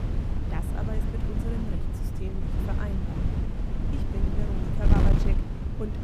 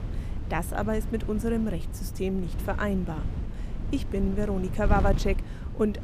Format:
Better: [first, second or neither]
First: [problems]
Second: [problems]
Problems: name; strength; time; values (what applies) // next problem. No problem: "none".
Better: second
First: wind noise on the microphone; heavy; 2 dB above the speech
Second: wind noise on the microphone; occasional gusts; 15 dB below the speech